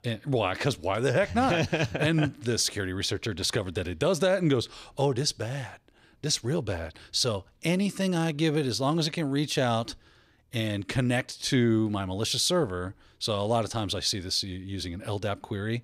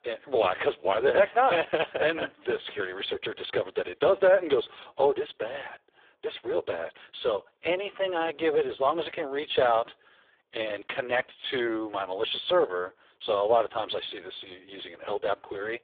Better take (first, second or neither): first